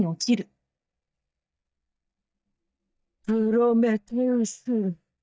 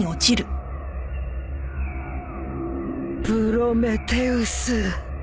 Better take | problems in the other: second | noise reduction (neural mask model DeepFilterNet 3)

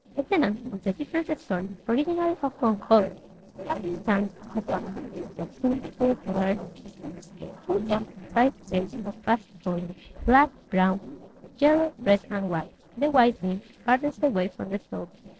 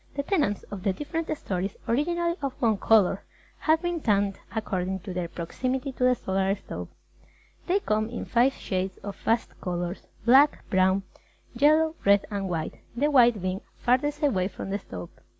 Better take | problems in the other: second | noise reduction (neural separator model SepFormer DNS4)

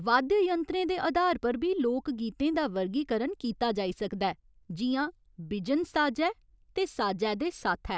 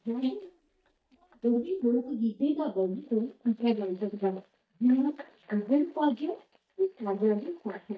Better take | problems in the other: first | noise reduction (neural mask model DeepFilterNet 3)

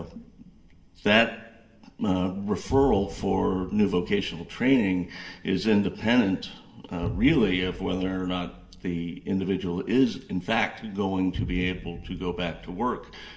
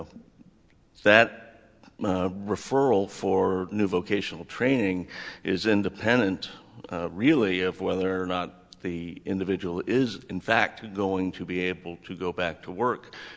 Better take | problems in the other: second | background sound (Boom); 14 dB below the speech // room echo; dies away in 0.7 s

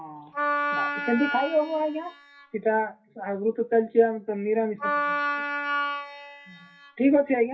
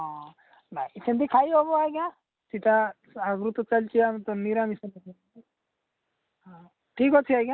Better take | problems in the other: second | noise reduction (classical method WPE with log-MMSE)

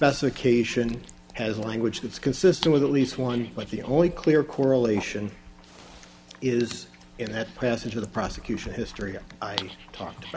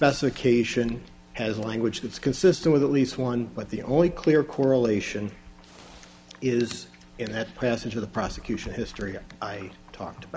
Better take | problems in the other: second | background sound (Dog); 19 dB below the speech

